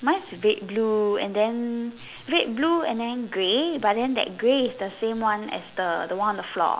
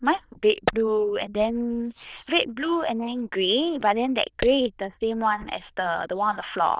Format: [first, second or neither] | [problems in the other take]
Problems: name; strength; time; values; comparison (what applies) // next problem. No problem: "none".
first | noise reduction (neural diffusion model UNIVERSE++)